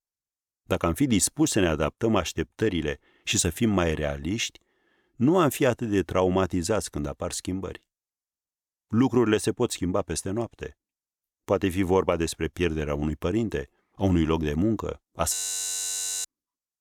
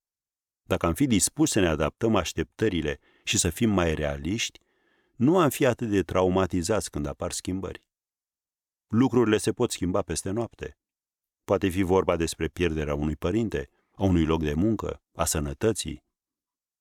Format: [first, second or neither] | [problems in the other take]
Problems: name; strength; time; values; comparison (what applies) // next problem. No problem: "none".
second | audio freezing; at 15 s for 1 s